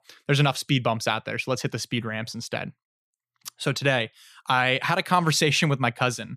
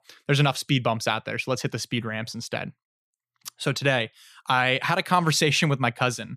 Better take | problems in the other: neither | none

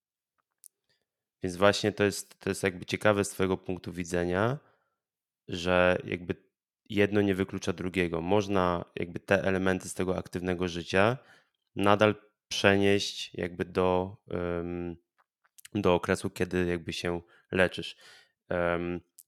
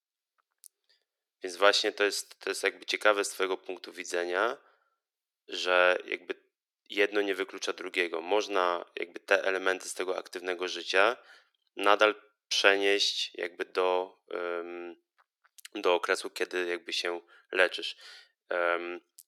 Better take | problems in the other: first | thin; very; fading below 350 Hz

